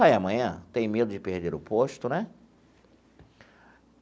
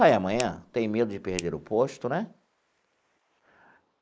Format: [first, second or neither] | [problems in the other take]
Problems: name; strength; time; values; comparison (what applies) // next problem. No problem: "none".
first | noise reduction (neural mask model Resemble Enhance denoiser)